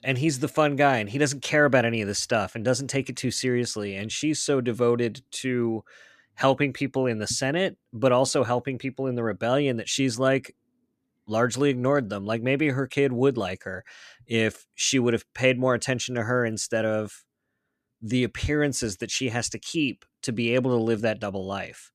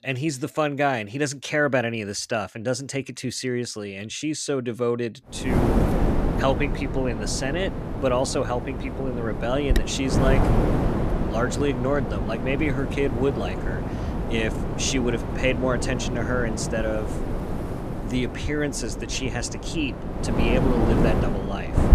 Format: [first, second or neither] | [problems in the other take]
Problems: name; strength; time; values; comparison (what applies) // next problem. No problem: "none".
first | wind noise on the microphone; heavy; from 5.5 s on; 4 dB below the speech